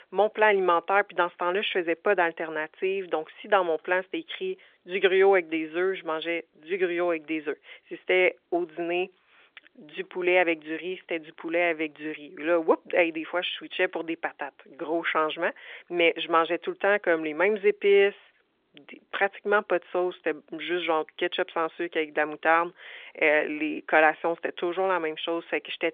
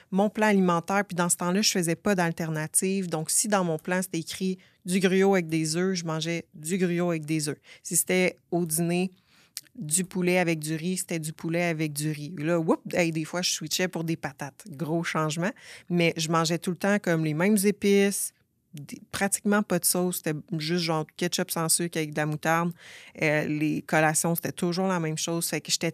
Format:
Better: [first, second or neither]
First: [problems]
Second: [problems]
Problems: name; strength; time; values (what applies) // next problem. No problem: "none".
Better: second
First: phone-call audio; nothing above 3.5 kHz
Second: none